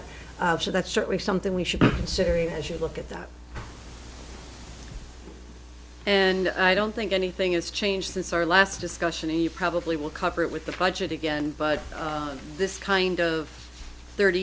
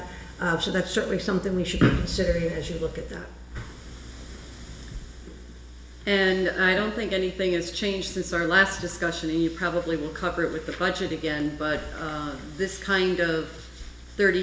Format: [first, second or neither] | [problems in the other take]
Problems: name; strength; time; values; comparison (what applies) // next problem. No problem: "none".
first | room echo; dies away in 1 s